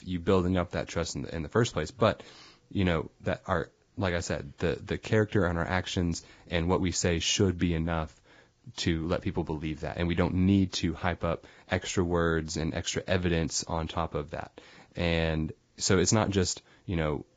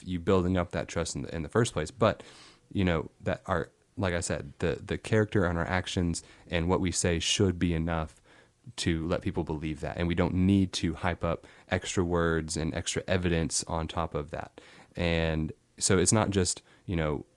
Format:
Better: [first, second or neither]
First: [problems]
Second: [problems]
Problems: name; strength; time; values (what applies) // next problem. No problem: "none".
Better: second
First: garbled, watery; badly; nothing above 7.5 kHz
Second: garbled, watery; slightly